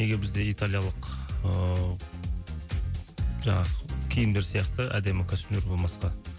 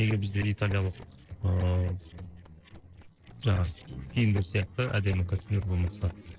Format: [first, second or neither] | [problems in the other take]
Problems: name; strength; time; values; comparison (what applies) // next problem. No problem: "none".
first | noise reduction (neural separator model SepFormer DNS4)